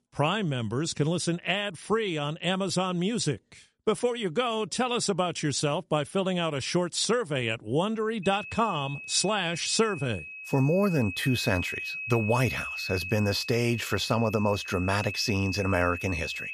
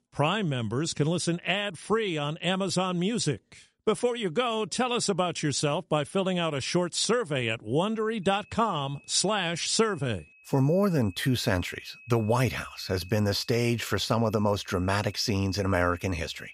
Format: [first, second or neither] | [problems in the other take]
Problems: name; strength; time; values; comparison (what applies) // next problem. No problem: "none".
second | high-pitched whine; loud; from 8 s on; 2.5 kHz, 8 dB below the speech; faint in the second